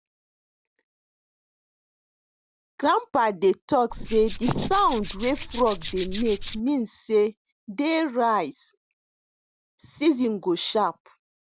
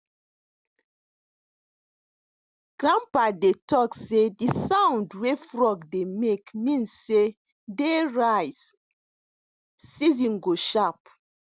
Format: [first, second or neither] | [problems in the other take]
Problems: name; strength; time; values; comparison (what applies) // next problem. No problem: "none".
second | background sound (Tools); 7 dB below the speech